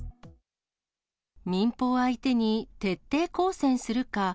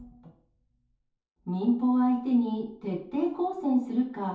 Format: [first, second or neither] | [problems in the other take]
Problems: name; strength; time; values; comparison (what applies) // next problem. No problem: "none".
first | room echo; dies away in 0.6 s